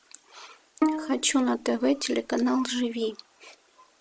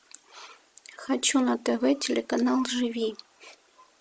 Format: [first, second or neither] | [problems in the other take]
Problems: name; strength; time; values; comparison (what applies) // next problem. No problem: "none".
second | background sound (Bowed string instrument); 4 dB below the speech